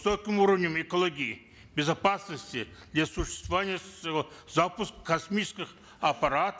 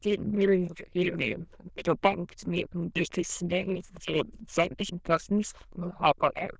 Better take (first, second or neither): first